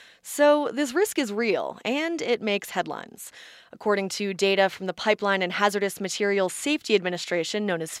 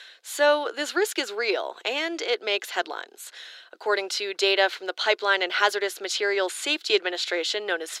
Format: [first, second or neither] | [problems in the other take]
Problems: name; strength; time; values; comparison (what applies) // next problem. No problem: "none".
first | thin; somewhat; fading below 350 Hz